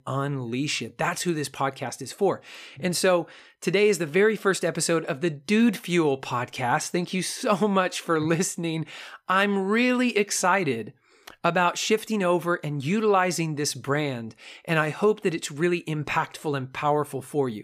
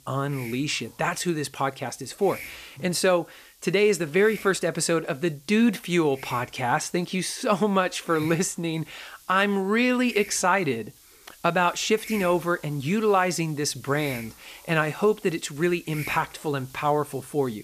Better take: first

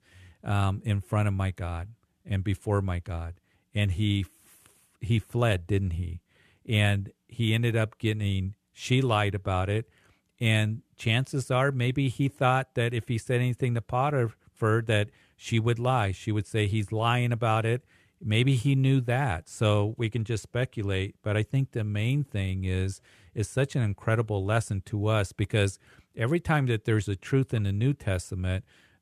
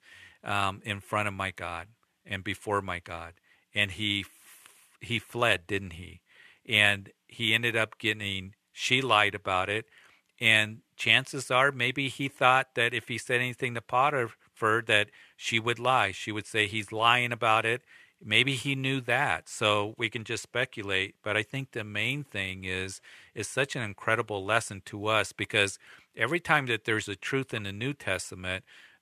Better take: first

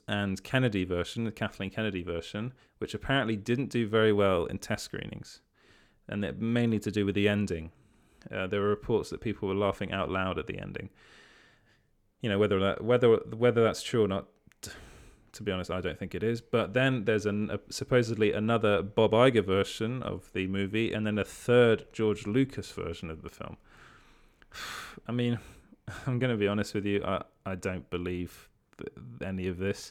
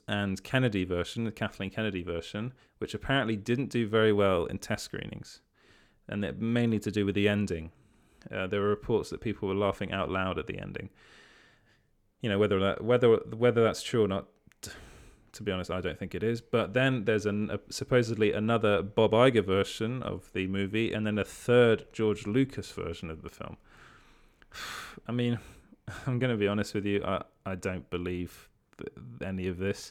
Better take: neither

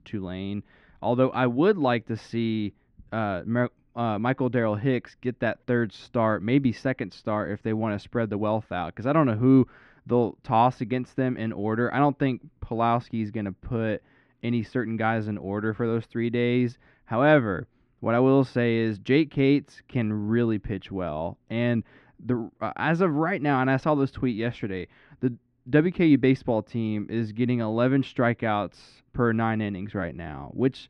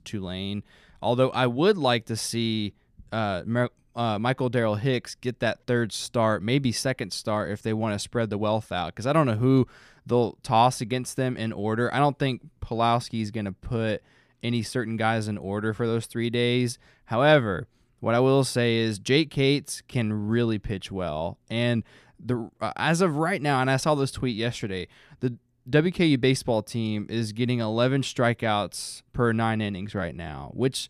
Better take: second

